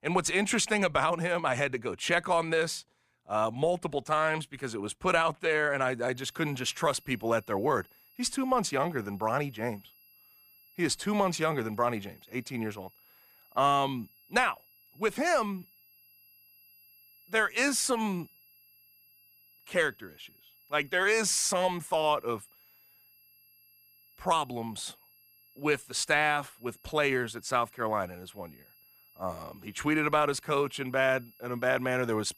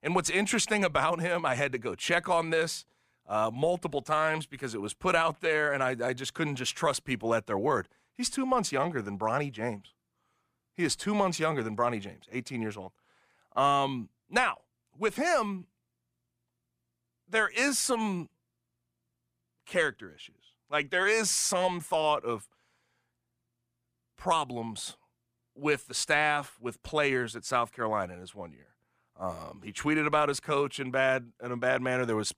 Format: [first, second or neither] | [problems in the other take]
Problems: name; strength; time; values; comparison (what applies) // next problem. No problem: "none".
second | high-pitched whine; faint; from 6 s on; 11.5 kHz, 30 dB below the speech